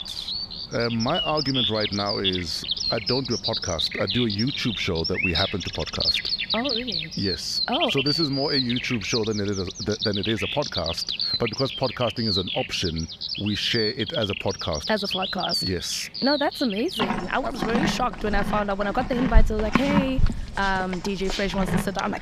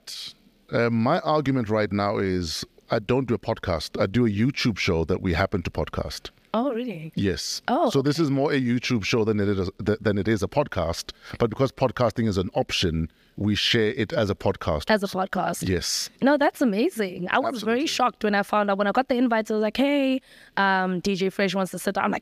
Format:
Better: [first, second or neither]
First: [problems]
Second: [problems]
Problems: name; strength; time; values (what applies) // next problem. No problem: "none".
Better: second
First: animal sounds; very loud; throughout; as loud as the speech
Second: none